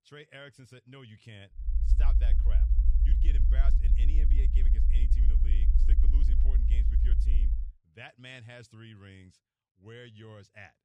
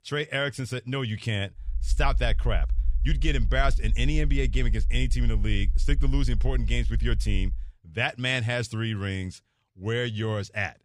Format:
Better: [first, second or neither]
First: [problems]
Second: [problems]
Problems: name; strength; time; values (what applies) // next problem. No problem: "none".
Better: second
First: low rumble; loud; from 1.5 to 7.5 s; 1 dB below the speech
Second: low rumble; faint; from 1.5 to 7.5 s; 20 dB below the speech